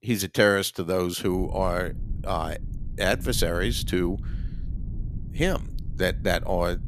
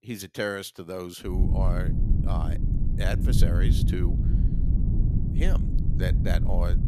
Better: first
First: low rumble; faint; from 1.5 s on; 25 dB below the speech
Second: low rumble; loud; from 1.5 s on; 4 dB below the speech

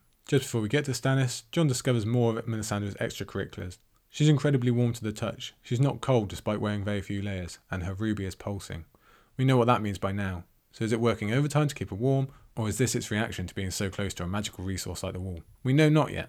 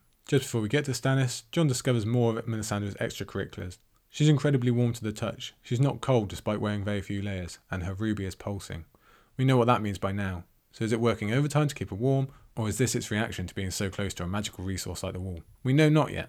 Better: neither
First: none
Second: none

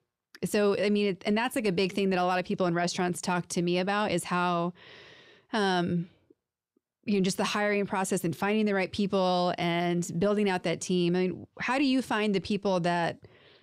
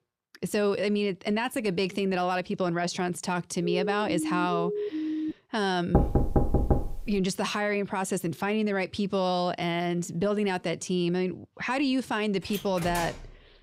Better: first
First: none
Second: siren; noticeable; from 3.5 to 5.5 s; peak 2 dB below the speech // door banging; loud; from 6 to 7 s; peak 3 dB above the speech // door banging; noticeable; at 12 s; peak 7 dB below the speech

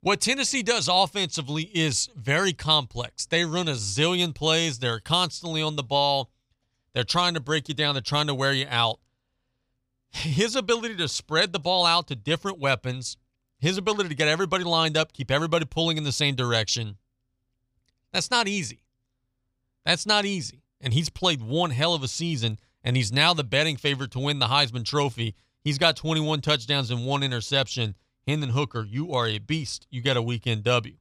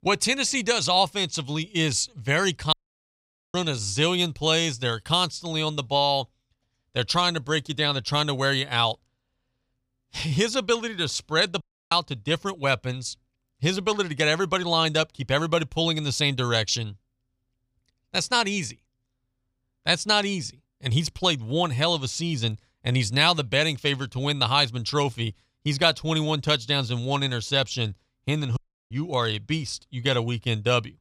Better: first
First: none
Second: audio cutting out; at 2.5 s for 1 s, at 12 s and at 29 s

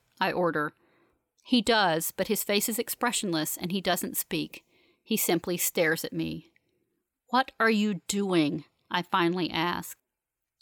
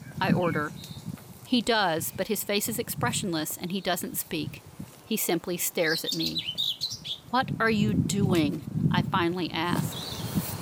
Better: first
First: none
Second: animal sounds; loud; throughout; 3 dB below the speech

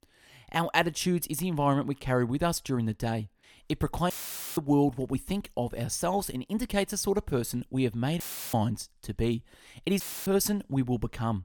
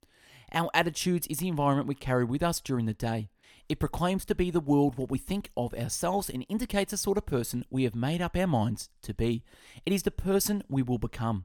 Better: second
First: audio cutting out; filled with static; at 4 s, at 8 s and at 10 s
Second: none

